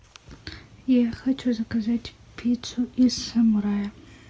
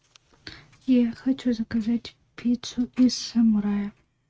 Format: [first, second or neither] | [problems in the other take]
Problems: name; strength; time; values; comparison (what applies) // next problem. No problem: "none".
first | noise reduction (neural mask model RNNoise)